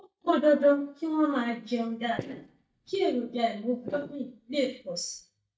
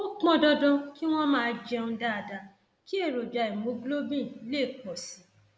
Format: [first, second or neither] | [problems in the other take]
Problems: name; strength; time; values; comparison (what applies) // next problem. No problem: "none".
second | noise reduction (neural mask model DeepFilterNet 3)